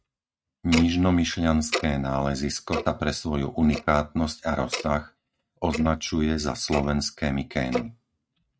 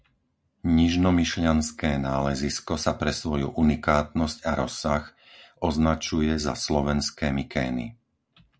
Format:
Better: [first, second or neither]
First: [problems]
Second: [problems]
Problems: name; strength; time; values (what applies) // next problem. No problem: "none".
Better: second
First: noise reduction (neural mask model RNNoise)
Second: none